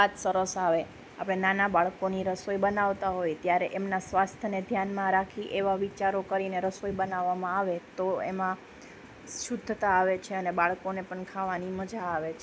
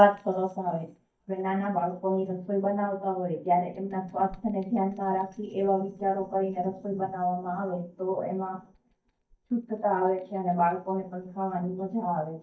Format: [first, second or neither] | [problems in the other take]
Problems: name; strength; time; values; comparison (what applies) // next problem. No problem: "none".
first | noise reduction (neural mask model DeepFilterNet 3)